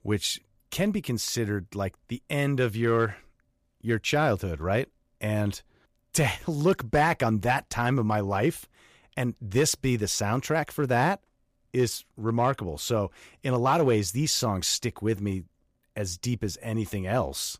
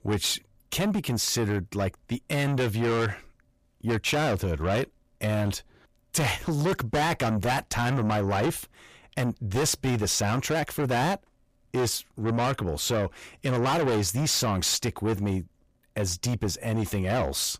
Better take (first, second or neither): first